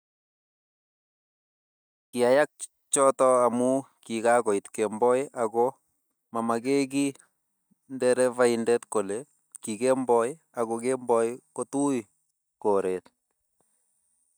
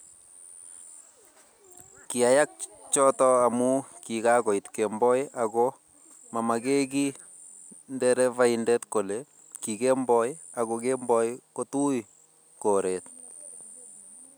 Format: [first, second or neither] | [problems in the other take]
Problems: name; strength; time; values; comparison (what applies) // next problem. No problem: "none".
second | noise reduction (neural mask model DeepFilterNet 3)